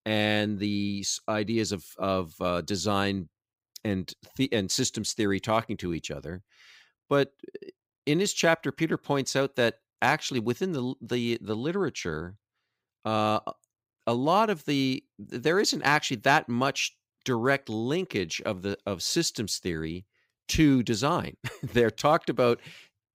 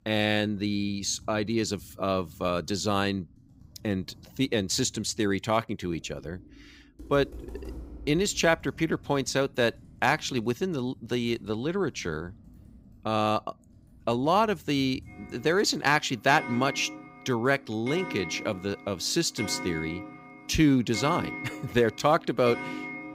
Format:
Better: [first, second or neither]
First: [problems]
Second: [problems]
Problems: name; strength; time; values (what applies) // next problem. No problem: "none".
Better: first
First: none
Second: household noises; noticeable; throughout; 15 dB below the speech